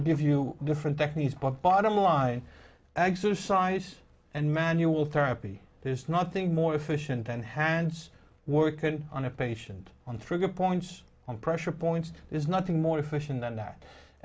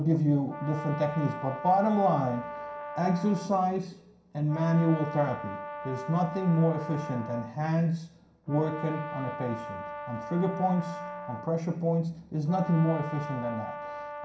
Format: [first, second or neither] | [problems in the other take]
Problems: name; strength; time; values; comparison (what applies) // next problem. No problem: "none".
first | background sound (Brass instrument); 11 dB below the speech // room echo; dies away in 0.5 s